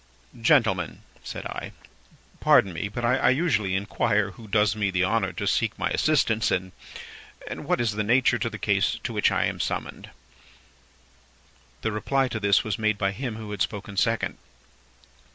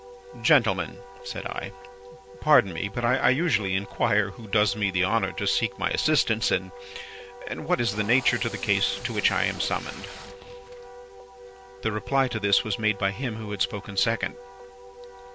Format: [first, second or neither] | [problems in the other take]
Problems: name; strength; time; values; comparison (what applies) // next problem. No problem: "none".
first | background sound (Packing tape, duct tape + Wind instrument, woodwind instrument); 15 dB below the speech